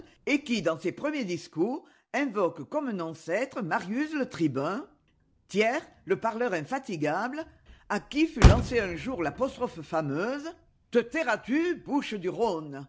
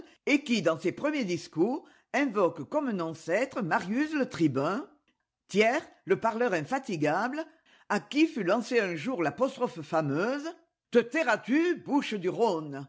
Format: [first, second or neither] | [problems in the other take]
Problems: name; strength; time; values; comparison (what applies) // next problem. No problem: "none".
second | background sound (Motor vehicle (road)); 3 dB below the speech